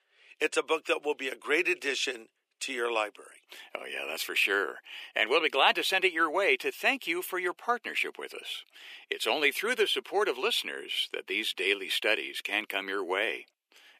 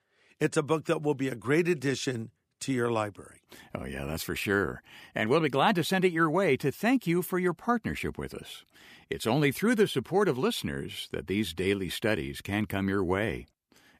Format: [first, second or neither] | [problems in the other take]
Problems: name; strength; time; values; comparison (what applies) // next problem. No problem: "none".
second | thin; very; fading below 400 Hz